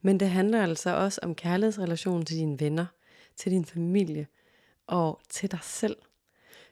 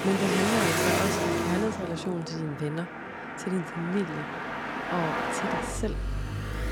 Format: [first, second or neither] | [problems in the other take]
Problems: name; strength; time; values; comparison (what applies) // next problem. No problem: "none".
first | traffic noise; very loud; throughout; 1 dB above the speech